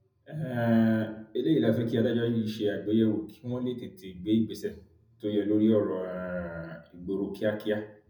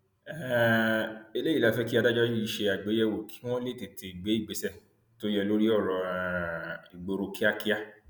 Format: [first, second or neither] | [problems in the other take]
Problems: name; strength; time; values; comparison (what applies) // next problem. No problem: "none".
second | room echo; dies away in 0.4 s